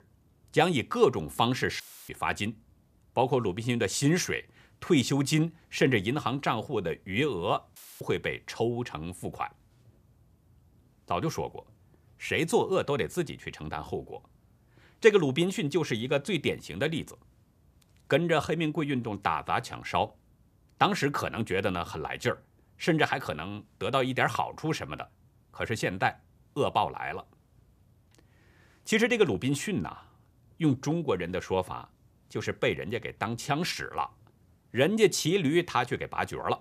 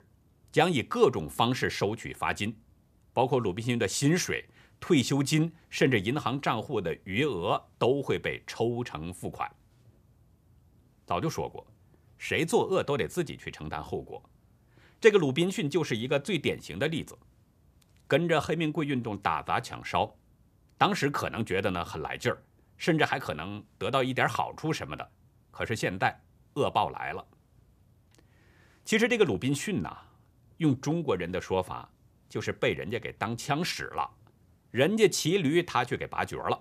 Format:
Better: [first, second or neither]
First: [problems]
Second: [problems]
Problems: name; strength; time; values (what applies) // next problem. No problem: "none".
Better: second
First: audio cutting out; filled with static; at 2 s and at 8 s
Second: none